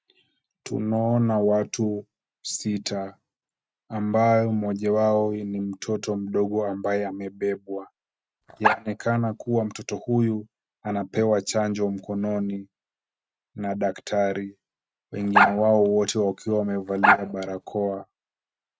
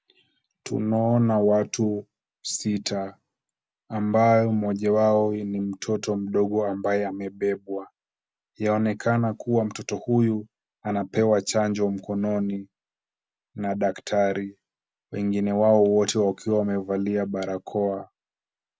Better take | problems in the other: second | noise reduction (neural mask model RNNoise)

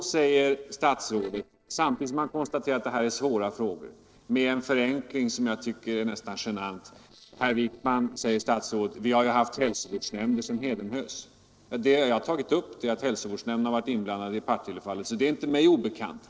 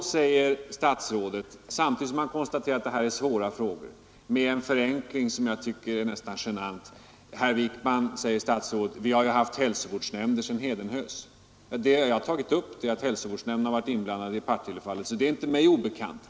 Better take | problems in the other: second | noise reduction (neural separator model SepFormer DNS4)

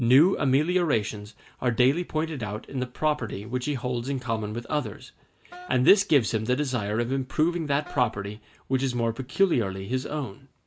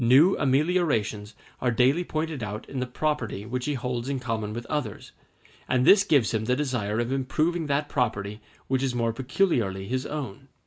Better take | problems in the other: second | background sound (Wind instrument, woodwind instrument); 20 dB below the speech

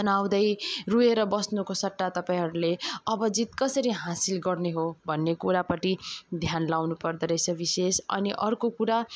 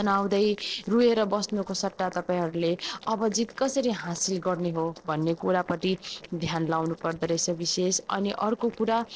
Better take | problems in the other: first | noise reduction (neural separator model SepFormer DNS4)

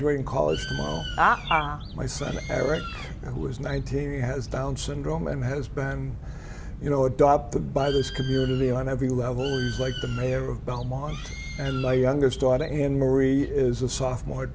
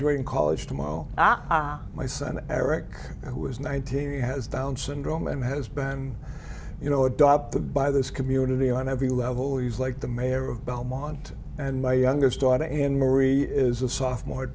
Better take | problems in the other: second | background sound (Bird + Bird); 14 dB below the speech

